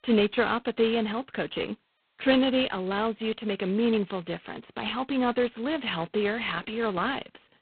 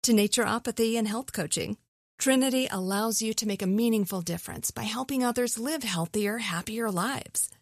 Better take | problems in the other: second | phone-call audio; poor line

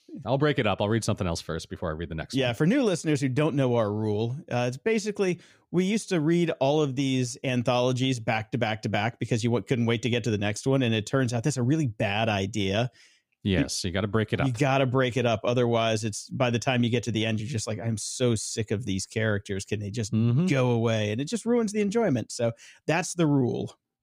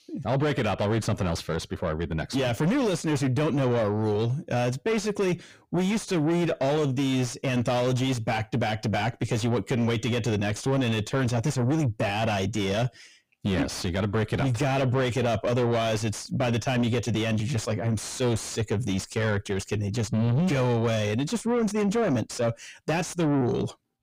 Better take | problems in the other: first | distortion; heavy; 7 dB below the speech

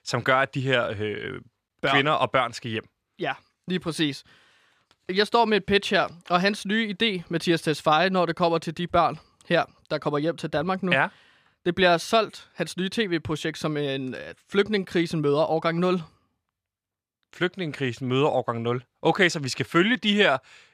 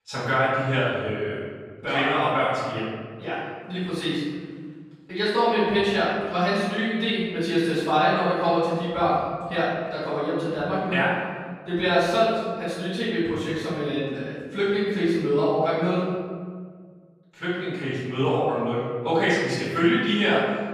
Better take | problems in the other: first | off-mic speech; far // room echo; strong; dies away in 1.6 s

